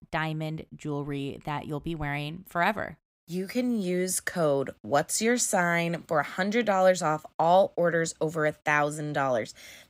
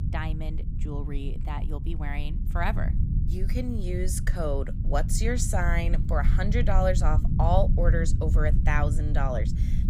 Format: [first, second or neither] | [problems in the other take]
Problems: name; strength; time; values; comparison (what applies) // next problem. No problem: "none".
first | low rumble; noticeable; throughout; 10 dB below the speech